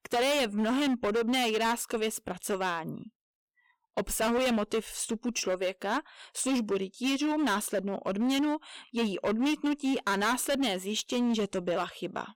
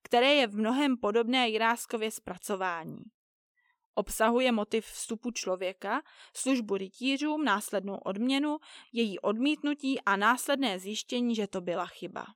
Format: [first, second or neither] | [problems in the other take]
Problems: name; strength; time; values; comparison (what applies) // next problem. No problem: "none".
second | distortion; heavy; 16% of the sound clipped